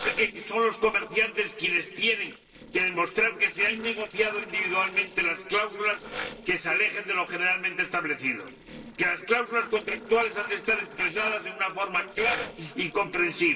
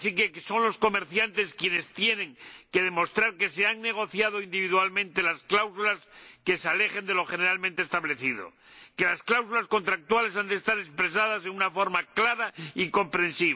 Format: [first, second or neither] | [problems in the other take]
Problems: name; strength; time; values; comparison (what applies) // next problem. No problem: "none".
second | noise reduction (neural separator model SepFormer DNS4)